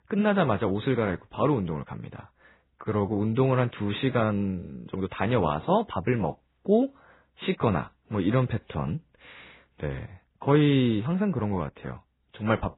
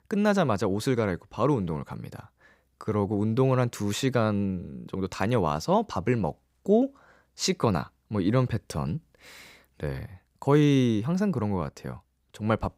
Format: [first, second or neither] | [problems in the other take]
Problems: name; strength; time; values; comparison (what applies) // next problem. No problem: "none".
second | garbled, watery; badly; nothing above 4 kHz